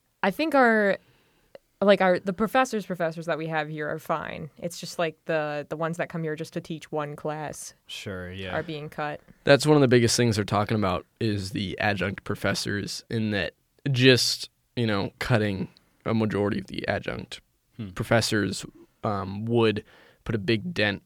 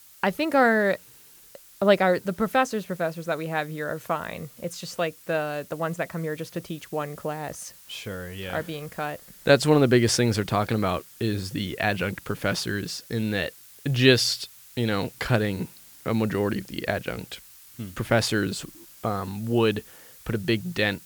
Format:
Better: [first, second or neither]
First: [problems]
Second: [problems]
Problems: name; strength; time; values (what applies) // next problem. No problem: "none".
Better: first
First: none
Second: hiss; faint; throughout; 20 dB below the speech